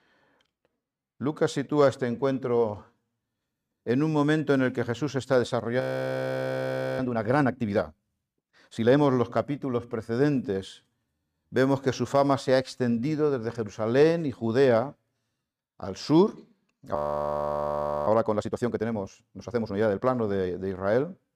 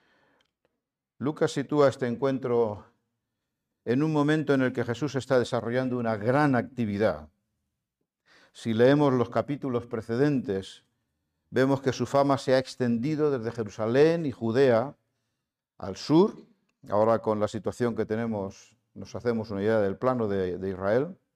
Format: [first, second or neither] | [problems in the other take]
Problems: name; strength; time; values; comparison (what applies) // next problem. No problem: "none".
second | audio freezing; at 6 s for 1 s and at 17 s for 1 s